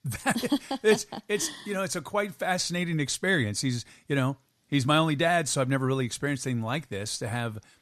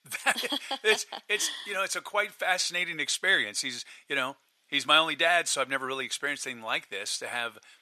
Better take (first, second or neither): first